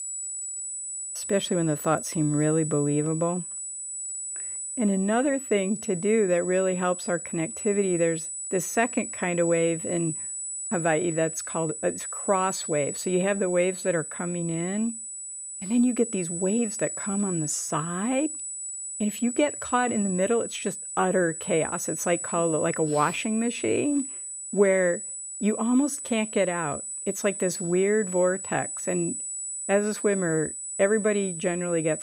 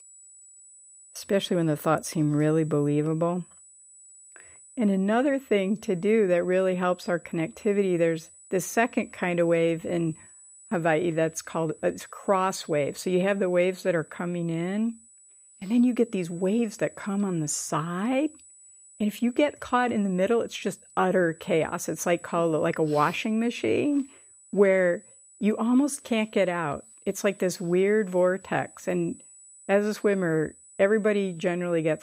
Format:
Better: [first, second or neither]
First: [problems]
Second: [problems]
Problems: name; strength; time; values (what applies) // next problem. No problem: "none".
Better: second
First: high-pitched whine; loud; throughout; 8 kHz, 6 dB below the speech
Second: high-pitched whine; faint; throughout; 8 kHz, 25 dB below the speech